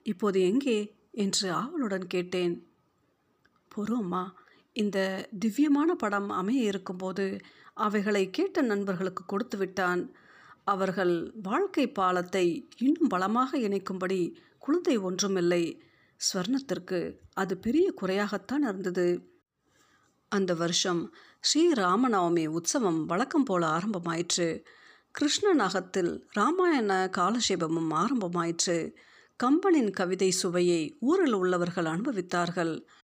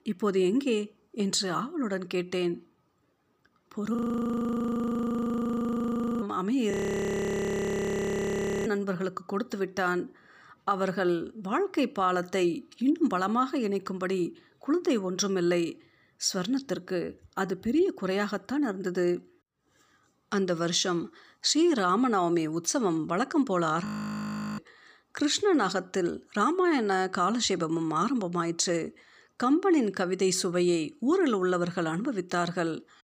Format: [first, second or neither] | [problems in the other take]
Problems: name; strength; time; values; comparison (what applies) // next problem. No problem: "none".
first | audio freezing; at 4 s for 2.5 s, at 6.5 s for 2 s and at 24 s for 0.5 s